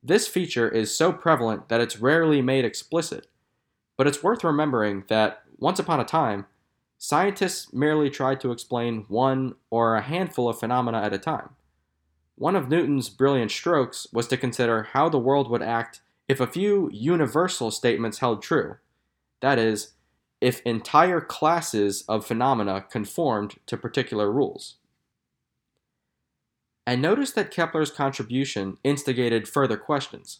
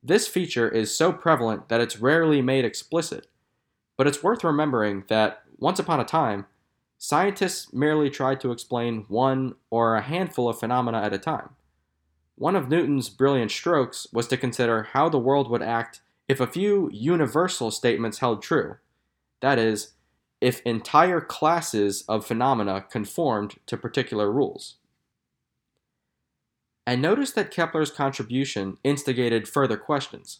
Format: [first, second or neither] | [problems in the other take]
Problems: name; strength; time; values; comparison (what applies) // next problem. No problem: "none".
neither | none